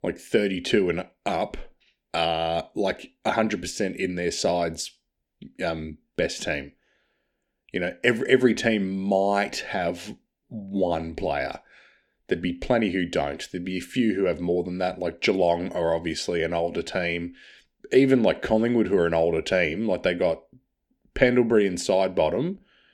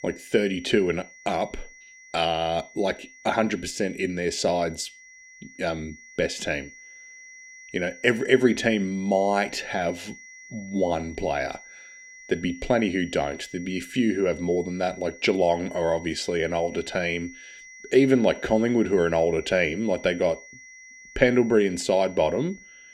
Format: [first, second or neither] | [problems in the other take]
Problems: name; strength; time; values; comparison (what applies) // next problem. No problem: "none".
first | high-pitched whine; noticeable; throughout; 2 kHz, 20 dB below the speech